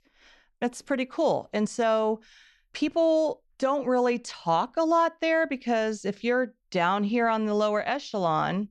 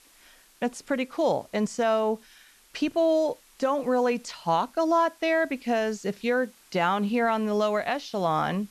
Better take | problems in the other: first | hiss; faint; throughout; 30 dB below the speech

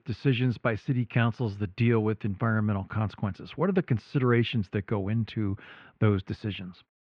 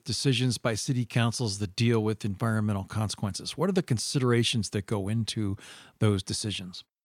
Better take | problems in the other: second | muffled; very; fading above 2.5 kHz

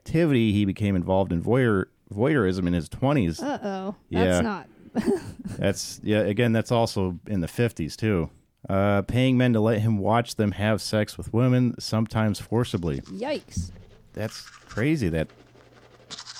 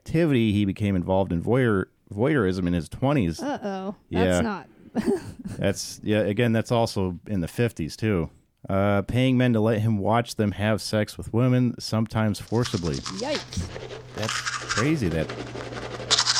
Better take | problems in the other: first | household noises; loud; from 13 s on; 4 dB below the speech; faint in the first

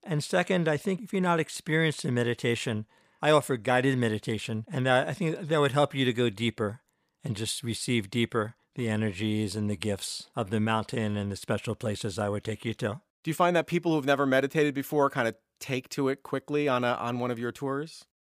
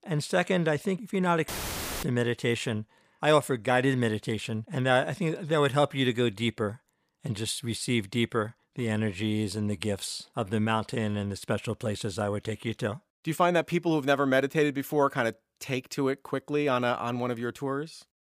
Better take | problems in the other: first | audio cutting out; filled with static; at 1.5 s for 0.5 s

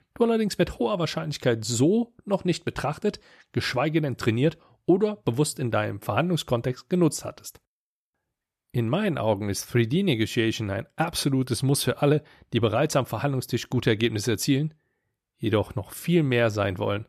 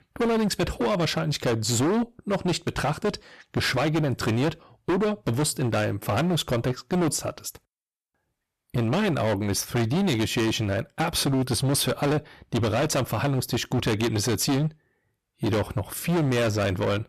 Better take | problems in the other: first | distortion; heavy; 21% of the sound clipped

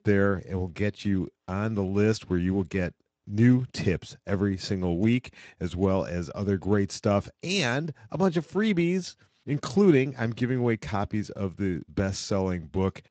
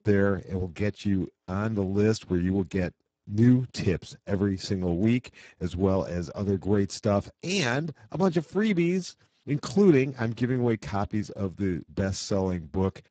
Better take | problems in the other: first | garbled, watery; badly; nothing above 7.5 kHz; slightly in the first

